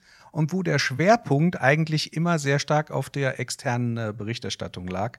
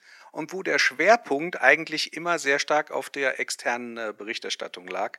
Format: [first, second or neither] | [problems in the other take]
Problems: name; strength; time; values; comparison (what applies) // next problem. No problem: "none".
first | thin; very; fading below 300 Hz